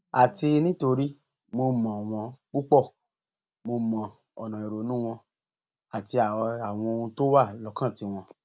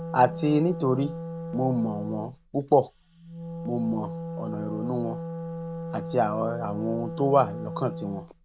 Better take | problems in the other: first | background sound (Wind instrument, woodwind instrument); 8 dB below the speech

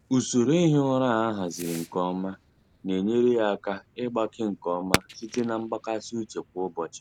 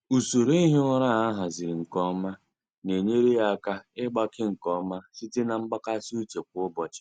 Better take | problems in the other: second | background sound (Fireworks); 13 dB below the speech

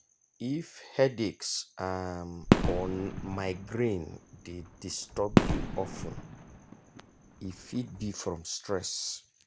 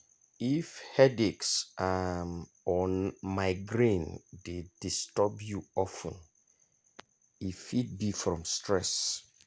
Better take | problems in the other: second | background sound (Fireworks); 3 dB above the speech

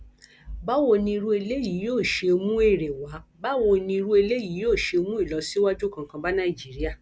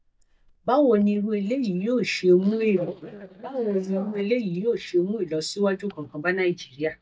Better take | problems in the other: first | noise reduction (neural mask model DeepFilterNet 3)

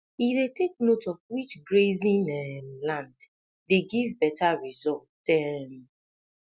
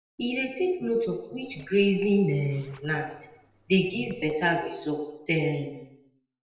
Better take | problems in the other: first | noise reduction (neural separator model SepFormer DNS4)

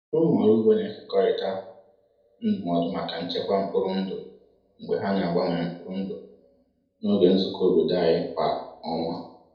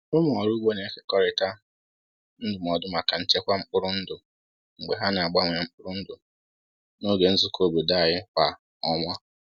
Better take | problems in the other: second | room echo; dies away in 2.1 s

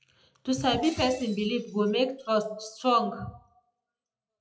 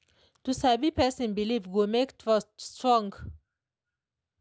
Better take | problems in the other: second | noise reduction (classical method WPE with log-MMSE)

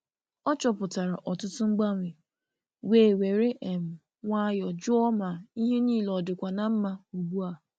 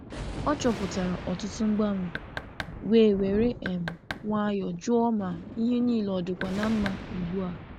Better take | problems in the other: first | background sound (Thunder + Knock); 10 dB below the speech

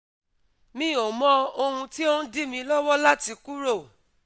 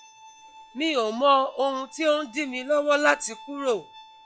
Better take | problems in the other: first | noise reduction (classical method log-MMSE)

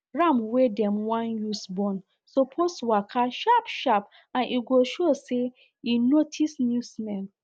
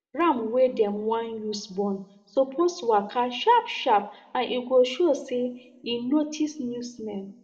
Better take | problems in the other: first | room echo; dies away in 0.8 s

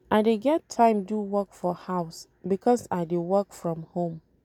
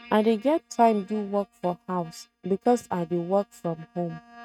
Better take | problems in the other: first | noise reduction (neural mask model RNNoise)

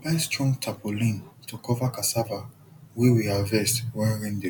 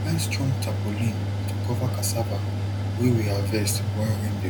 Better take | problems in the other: first | background sound (Mechanical fan); 2 dB above the speech

